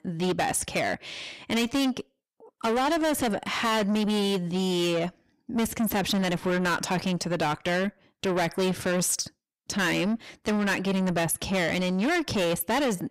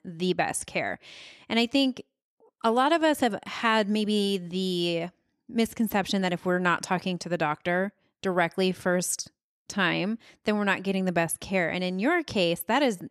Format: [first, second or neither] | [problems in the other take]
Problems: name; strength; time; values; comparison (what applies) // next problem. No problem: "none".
second | distortion; heavy; 6 dB below the speech